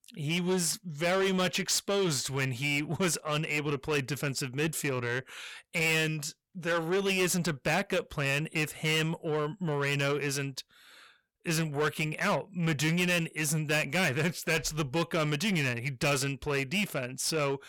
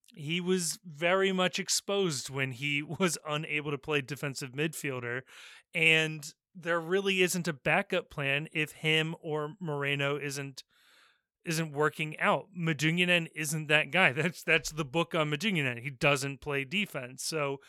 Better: second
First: distortion; heavy; 6 dB below the speech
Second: none

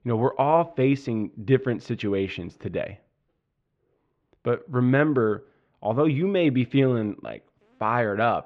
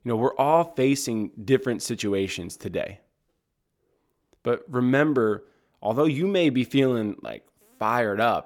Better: second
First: muffled; very; fading above 3 kHz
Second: none

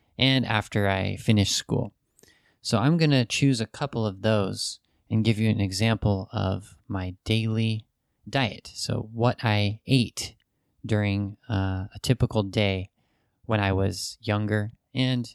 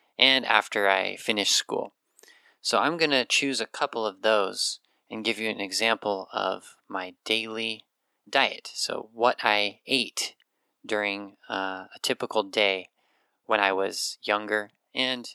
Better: first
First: none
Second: thin; very; fading below 400 Hz

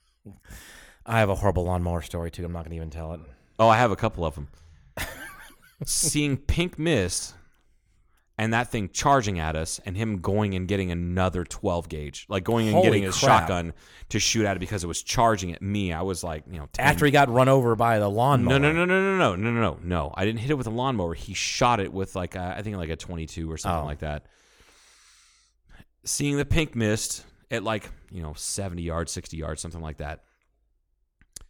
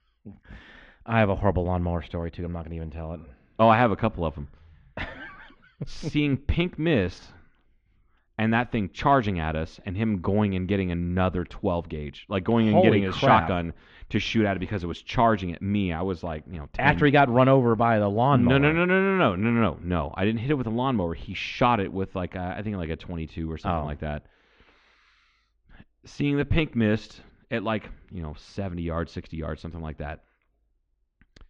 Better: first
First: none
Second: muffled; very; fading above 3.5 kHz

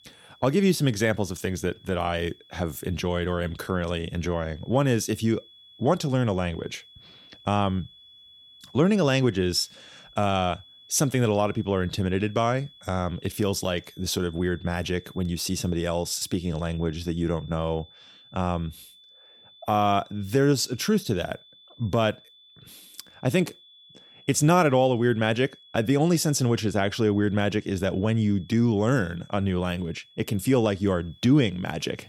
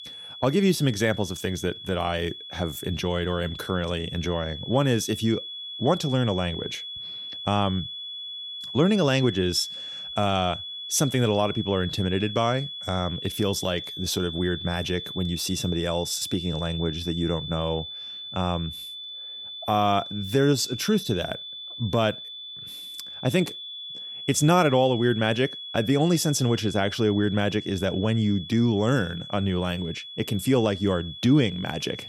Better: first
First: high-pitched whine; faint; throughout; 3.5 kHz, 25 dB below the speech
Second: high-pitched whine; loud; throughout; 3.5 kHz, 9 dB below the speech

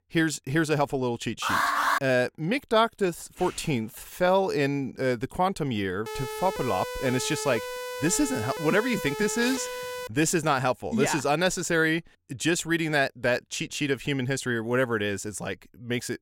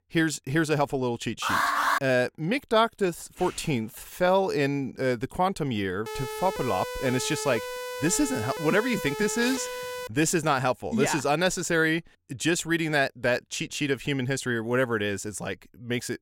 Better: neither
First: alarm; loud; at 1.5 s; peak 3 dB above the speech // siren; noticeable; from 6 to 10 s; peak 8 dB below the speech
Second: alarm; loud; at 1.5 s; peak 3 dB above the speech // siren; noticeable; from 6 to 10 s; peak 8 dB below the speech

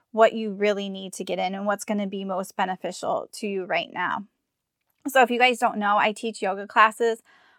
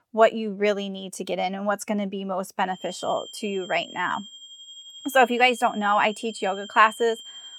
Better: first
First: none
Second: high-pitched whine; noticeable; from 3 s on; 3 kHz, 15 dB below the speech

